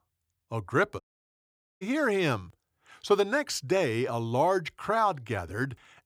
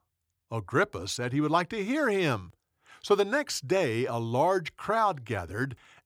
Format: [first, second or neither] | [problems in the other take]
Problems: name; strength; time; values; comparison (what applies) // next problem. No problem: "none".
second | audio cutting out; at 1 s for 1 s